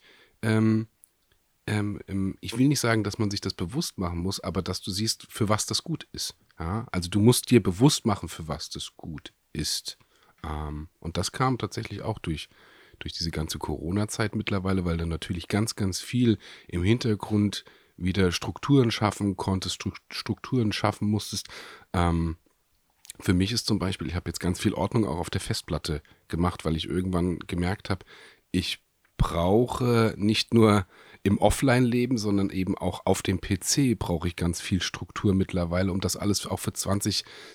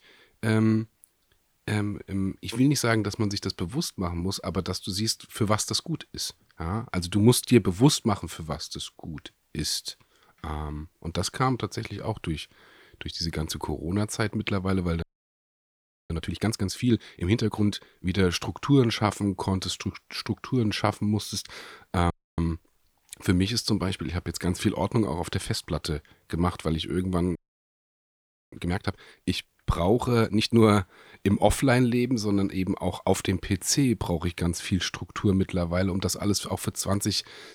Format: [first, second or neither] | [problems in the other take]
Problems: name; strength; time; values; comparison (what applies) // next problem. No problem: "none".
first | audio freezing; at 15 s for 1 s, at 22 s and at 27 s for 1 s